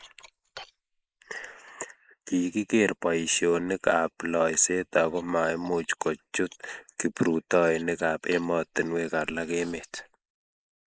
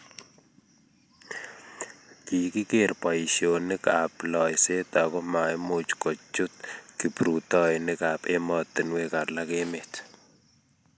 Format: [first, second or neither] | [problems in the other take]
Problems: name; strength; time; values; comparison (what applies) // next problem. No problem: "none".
second | noise reduction (neural mask model Resemble Enhance denoiser)